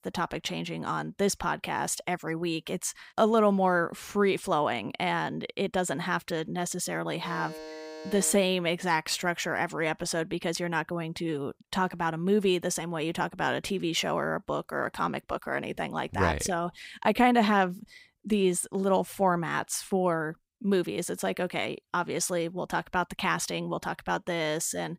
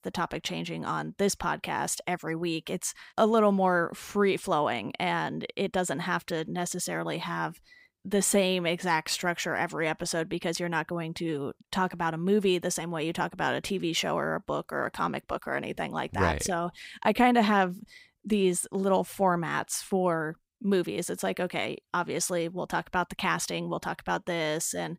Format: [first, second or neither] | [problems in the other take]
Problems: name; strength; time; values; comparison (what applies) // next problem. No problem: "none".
second | alarm; faint; from 7 to 8.5 s; peak 10 dB below the speech